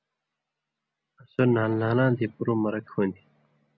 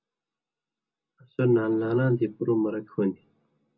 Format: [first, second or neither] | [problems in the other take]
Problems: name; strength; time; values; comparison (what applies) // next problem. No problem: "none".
first | room echo; dies away in 0.2 s